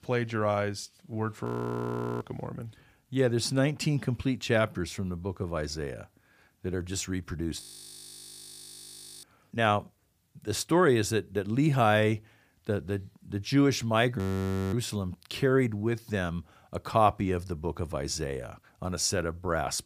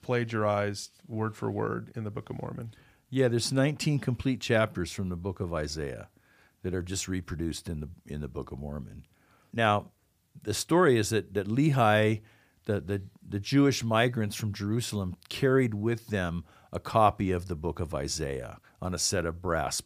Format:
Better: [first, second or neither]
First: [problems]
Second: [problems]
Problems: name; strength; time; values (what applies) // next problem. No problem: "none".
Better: second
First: audio freezing; at 1.5 s for 1 s, at 7.5 s for 1.5 s and at 14 s for 0.5 s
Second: none